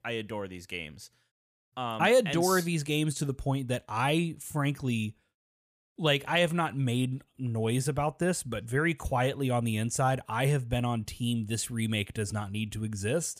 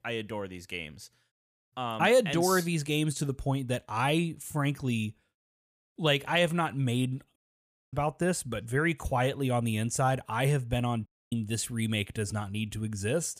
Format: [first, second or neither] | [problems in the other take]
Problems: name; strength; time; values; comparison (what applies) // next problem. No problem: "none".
first | audio cutting out; at 7.5 s for 0.5 s and at 11 s